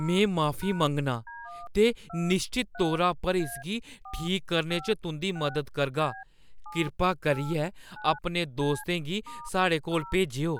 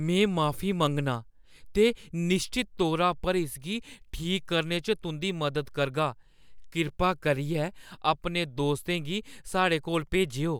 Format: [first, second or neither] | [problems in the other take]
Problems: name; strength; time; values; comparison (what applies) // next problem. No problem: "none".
second | background sound (Telephone); 18 dB below the speech